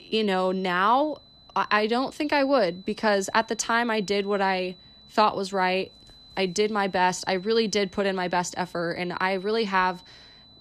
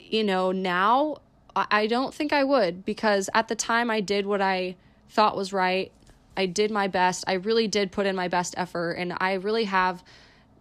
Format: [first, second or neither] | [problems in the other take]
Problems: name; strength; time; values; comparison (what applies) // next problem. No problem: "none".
second | high-pitched whine; faint; throughout; 4 kHz, 25 dB below the speech